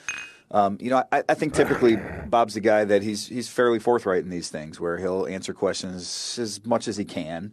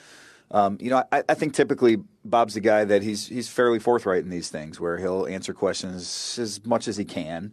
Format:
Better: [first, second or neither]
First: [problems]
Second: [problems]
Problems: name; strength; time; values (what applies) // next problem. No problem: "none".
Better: second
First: clattering dishes; noticeable; at the start; peak 8 dB below the speech // dog barking; noticeable; at 1.5 s; peak 4 dB below the speech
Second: none